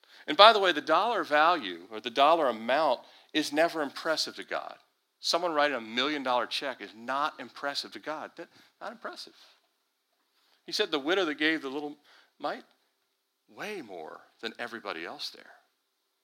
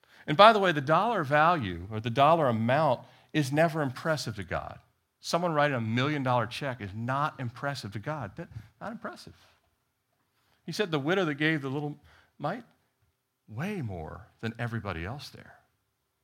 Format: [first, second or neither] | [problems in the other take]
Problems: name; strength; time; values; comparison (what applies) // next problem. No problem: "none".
second | thin; somewhat; fading below 300 Hz